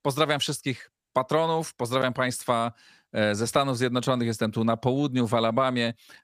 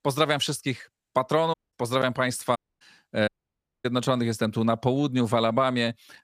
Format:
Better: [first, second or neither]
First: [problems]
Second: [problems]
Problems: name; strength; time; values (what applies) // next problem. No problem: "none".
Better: first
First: none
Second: audio cutting out; at 1.5 s, at 2.5 s and at 3.5 s for 0.5 s